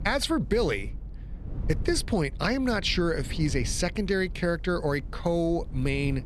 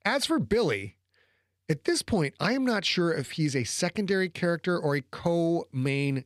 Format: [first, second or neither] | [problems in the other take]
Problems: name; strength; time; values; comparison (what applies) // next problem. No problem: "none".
second | low rumble; faint; throughout; 20 dB below the speech